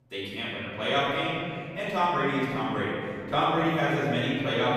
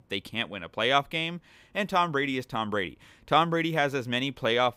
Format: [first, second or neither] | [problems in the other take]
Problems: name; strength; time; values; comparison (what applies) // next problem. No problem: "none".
second | off-mic speech; far // room echo; strong; dies away in 2.7 s